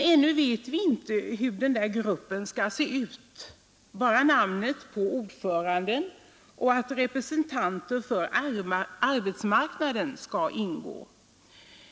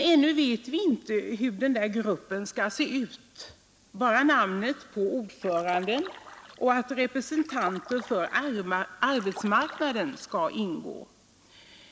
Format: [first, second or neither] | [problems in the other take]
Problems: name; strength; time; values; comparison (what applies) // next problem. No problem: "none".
first | background sound (Splash, splatter); 17 dB below the speech